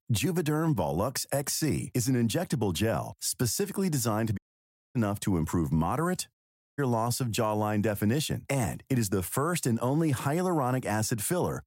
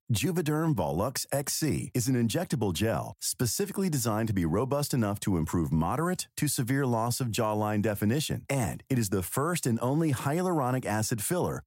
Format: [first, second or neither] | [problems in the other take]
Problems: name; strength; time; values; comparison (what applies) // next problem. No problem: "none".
second | audio cutting out; at 4.5 s for 0.5 s and at 6.5 s